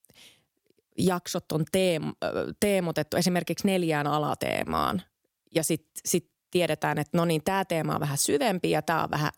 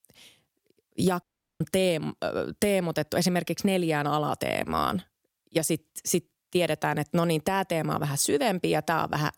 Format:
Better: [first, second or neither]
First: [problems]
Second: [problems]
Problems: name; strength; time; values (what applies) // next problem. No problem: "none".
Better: first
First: none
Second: audio cutting out; at 1 s